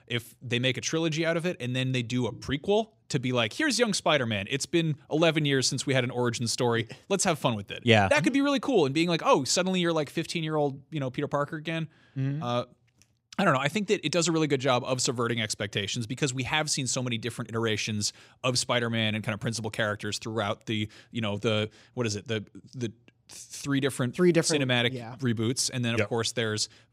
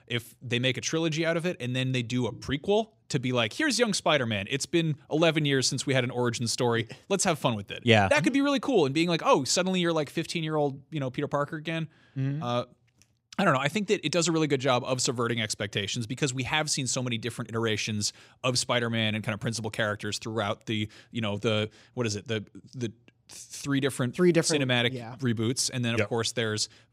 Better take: neither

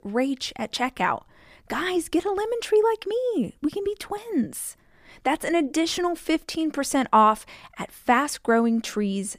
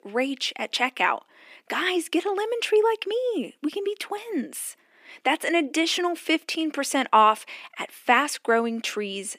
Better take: first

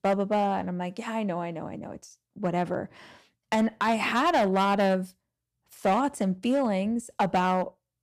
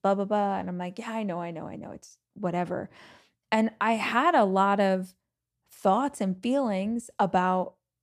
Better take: second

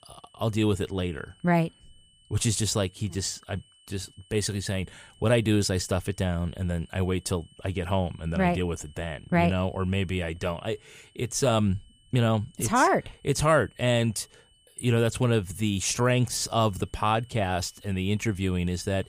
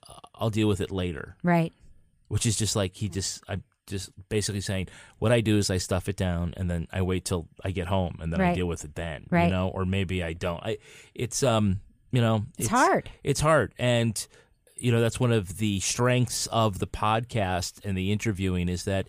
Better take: second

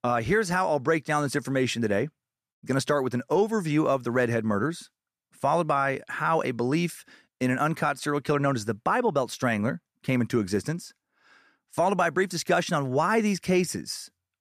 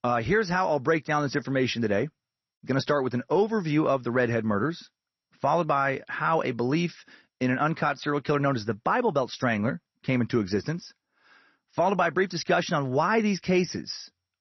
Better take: first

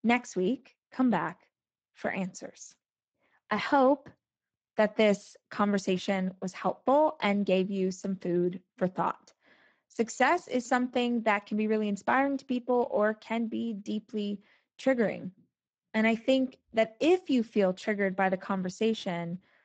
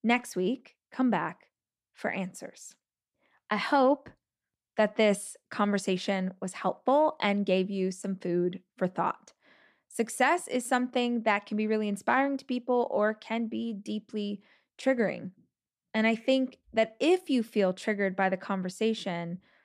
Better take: second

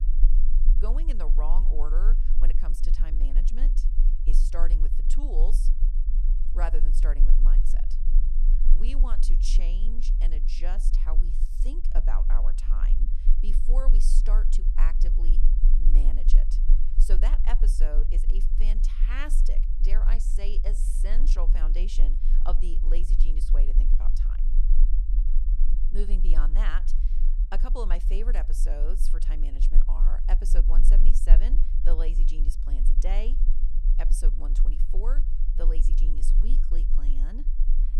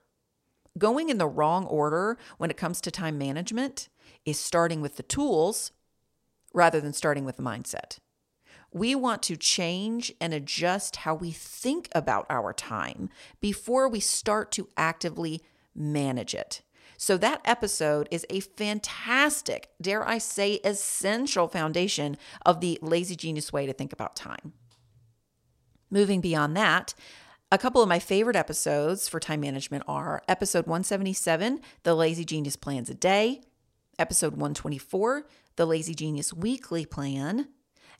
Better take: second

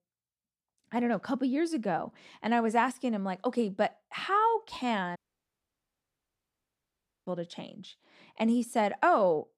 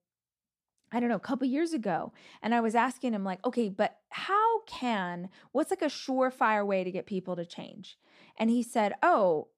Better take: second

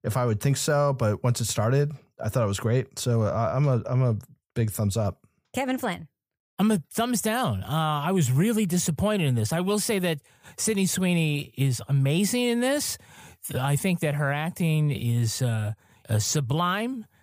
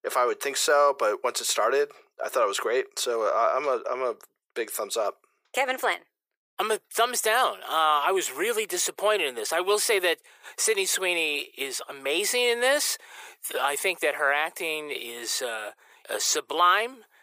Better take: first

